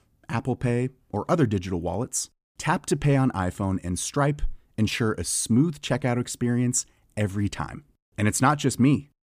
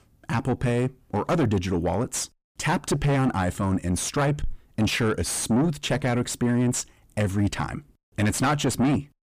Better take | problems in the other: first | distortion; heavy; 6 dB below the speech

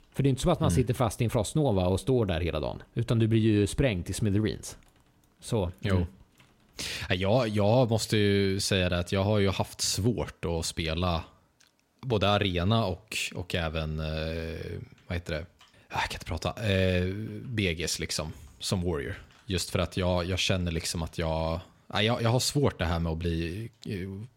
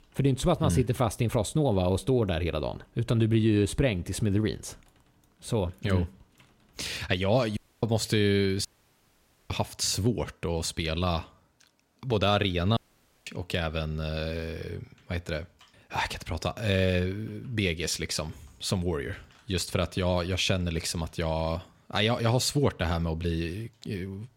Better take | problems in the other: first | audio cutting out; at 7.5 s, at 8.5 s for 1 s and at 13 s

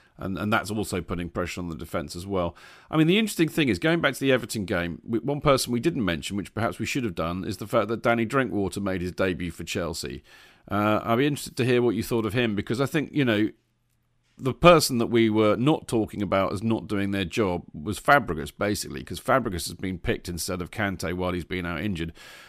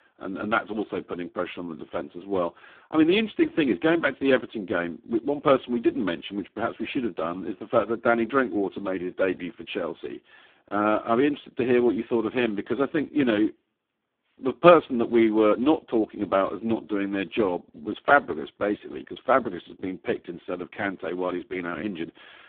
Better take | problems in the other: first | phone-call audio; poor line

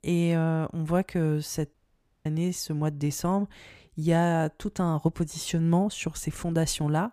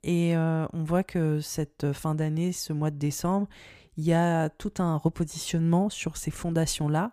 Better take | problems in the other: second | audio cutting out; at 1.5 s for 0.5 s

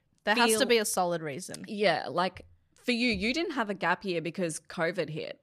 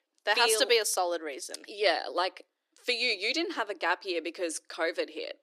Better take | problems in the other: first | thin; very; fading below 300 Hz

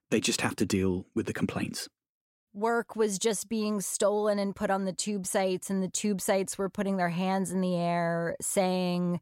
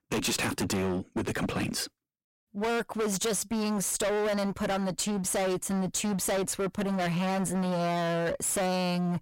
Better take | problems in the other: first | distortion; heavy; 32% of the sound clipped

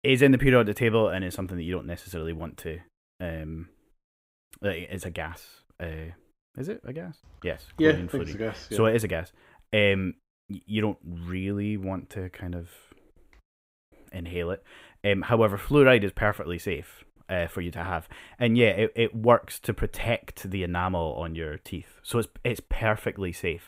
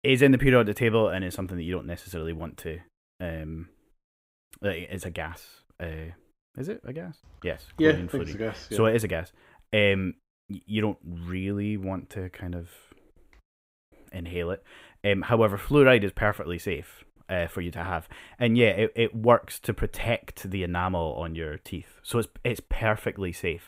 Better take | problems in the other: neither | none

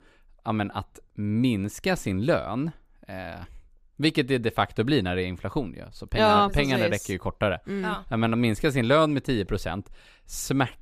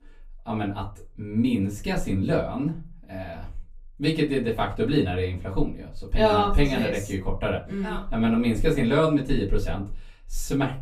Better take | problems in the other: first | off-mic speech; far // room echo; very slight; dies away in 0.3 s

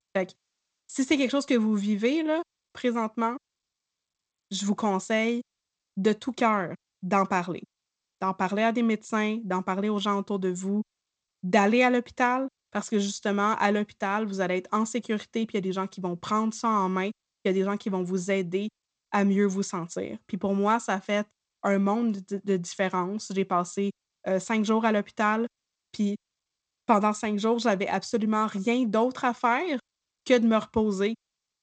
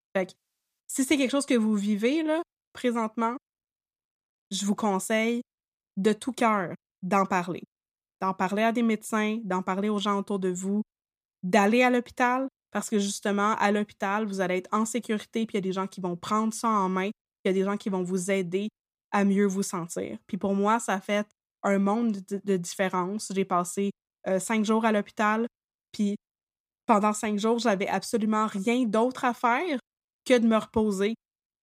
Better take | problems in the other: second | garbled, watery; slightly; nothing above 8 kHz

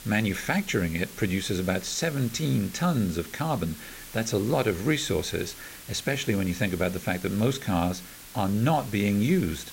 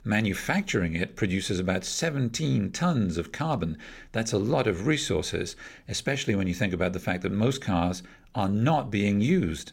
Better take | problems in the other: second | hiss; noticeable; throughout; 15 dB below the speech

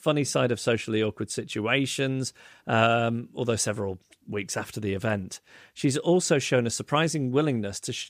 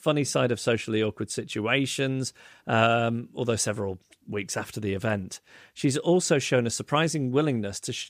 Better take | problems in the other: neither | none

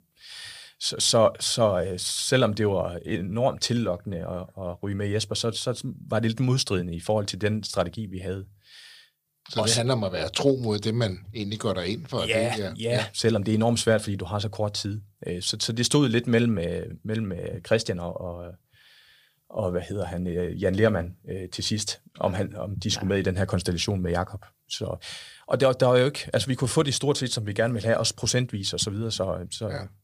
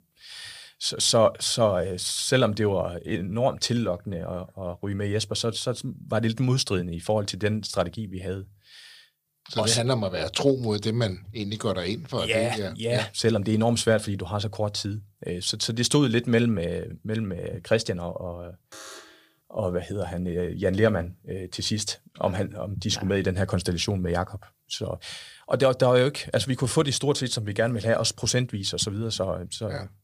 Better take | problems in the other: first | alarm; faint; at 19 s; peak 15 dB below the speech

